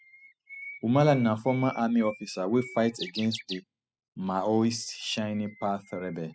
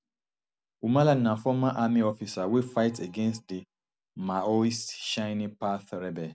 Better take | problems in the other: second | noise reduction (classical method spectral subtraction)

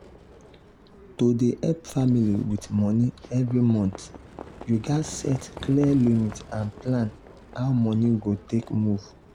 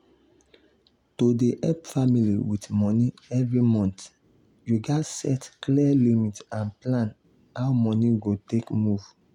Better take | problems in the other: second | background sound (Livestock, farm animals, working animals); 19 dB below the speech

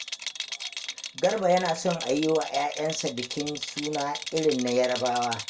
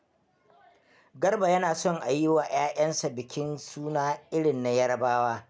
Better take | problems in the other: second | background sound (Rattle); 9 dB below the speech // room echo; dies away in 0.2 s

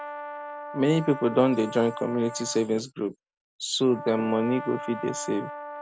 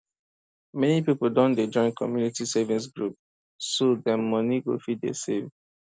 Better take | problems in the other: second | background sound (Brass instrument); 12 dB below the speech

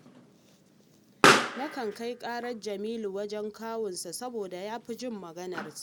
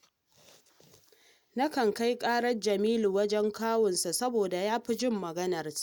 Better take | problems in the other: second | background sound (Explosion); 5 dB above the speech

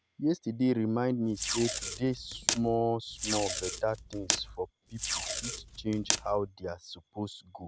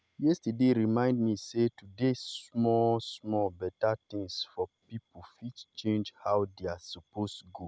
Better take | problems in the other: second | background sound (Packing tape, duct tape); 3 dB below the speech

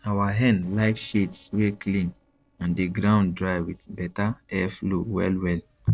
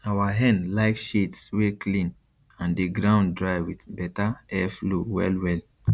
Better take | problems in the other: second | noise reduction (neural separator model SepFormer DNS4)

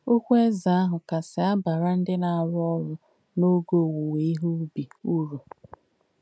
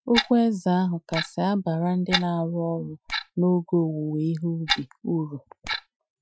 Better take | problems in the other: first | noise reduction (classical method Wiener filter)

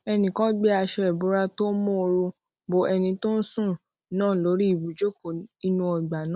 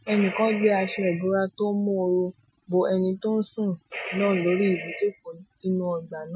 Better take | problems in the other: first | noise reduction (classical method Wiener filter)

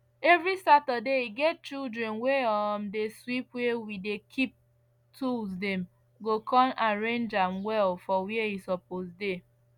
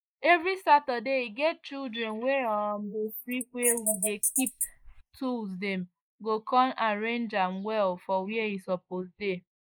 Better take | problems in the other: first | noise reduction (neural mask model Resemble Enhance denoiser)

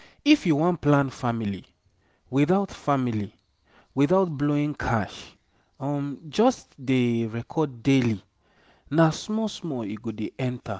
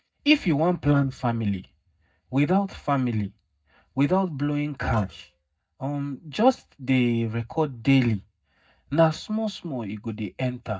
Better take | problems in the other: first | noise reduction (neural mask model DeepFilterNet 3)

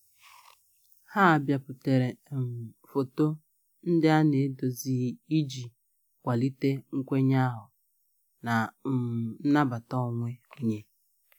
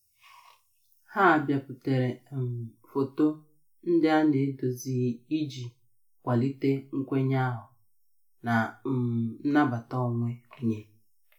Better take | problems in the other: first | room echo; dies away in 0.3 s

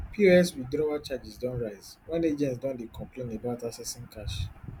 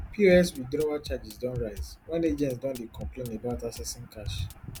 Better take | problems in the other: first | background sound (Drum kit); 15 dB below the speech

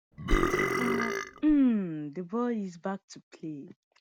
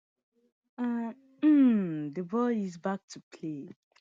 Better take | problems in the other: second | background sound (Burping, eructation); 2 dB above the speech

